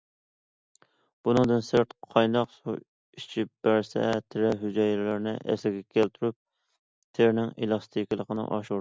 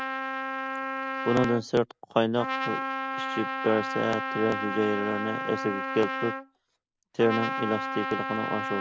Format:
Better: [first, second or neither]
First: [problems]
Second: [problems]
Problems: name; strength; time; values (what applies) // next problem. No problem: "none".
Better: first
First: none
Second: background sound (Trumpet); 3 dB below the speech